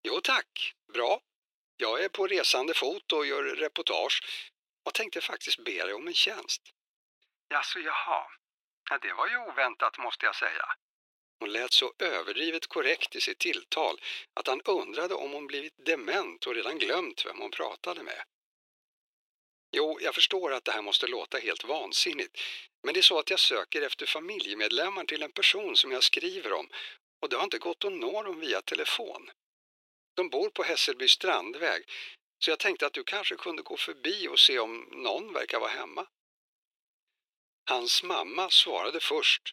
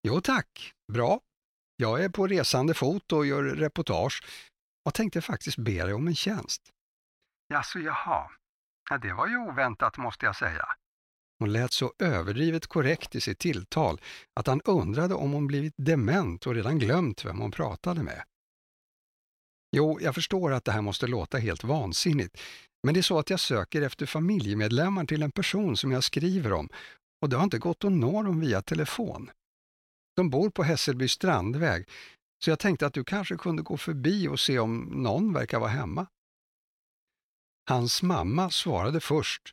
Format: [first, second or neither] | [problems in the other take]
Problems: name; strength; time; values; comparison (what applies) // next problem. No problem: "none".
second | thin; very; fading below 350 Hz